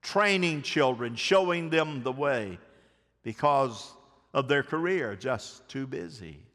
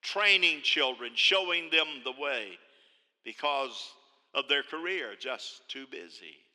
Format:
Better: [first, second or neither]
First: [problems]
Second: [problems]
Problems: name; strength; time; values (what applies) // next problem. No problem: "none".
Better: first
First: none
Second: thin; somewhat; fading below 300 Hz